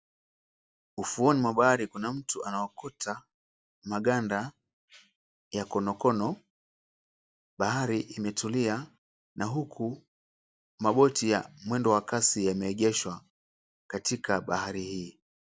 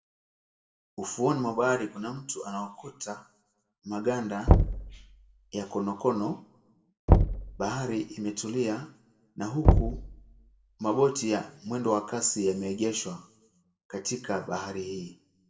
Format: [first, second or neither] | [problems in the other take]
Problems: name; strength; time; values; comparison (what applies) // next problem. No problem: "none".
first | background sound (Knock); 4 dB above the speech // room echo; dies away in 0.4 s